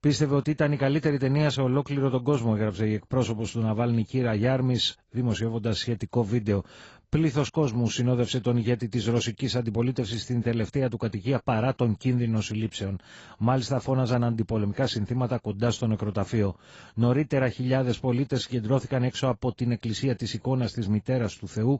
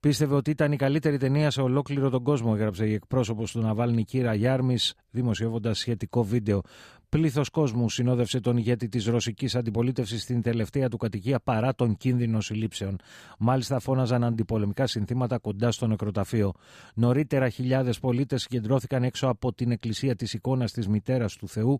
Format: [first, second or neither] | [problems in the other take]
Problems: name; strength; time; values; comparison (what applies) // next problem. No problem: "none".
second | garbled, watery; badly; nothing above 7.5 kHz